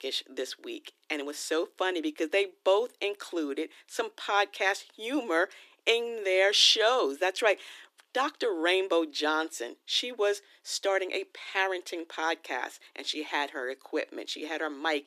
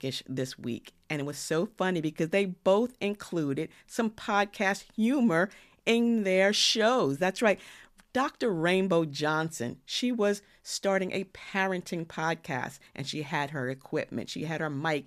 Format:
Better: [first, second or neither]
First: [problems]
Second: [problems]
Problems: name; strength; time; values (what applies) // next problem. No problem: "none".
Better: second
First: thin; somewhat; fading below 300 Hz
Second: none